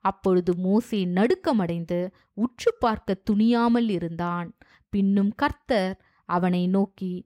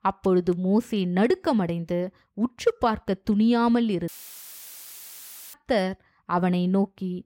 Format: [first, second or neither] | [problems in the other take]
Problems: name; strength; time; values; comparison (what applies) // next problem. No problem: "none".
first | audio cutting out; filled with static; at 4 s for 1.5 s